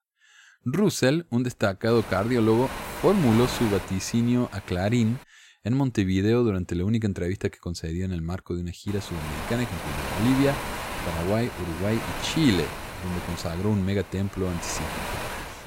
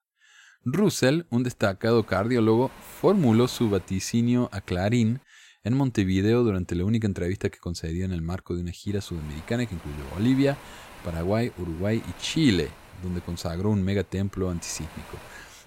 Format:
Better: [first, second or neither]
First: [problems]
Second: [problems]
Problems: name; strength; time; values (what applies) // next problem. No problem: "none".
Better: second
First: wind noise on the microphone; heavy; from 2 to 5 s and from 9 s on; 5 dB below the speech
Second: wind noise on the microphone; occasional gusts; from 2 to 5 s and from 9 s on; 15 dB below the speech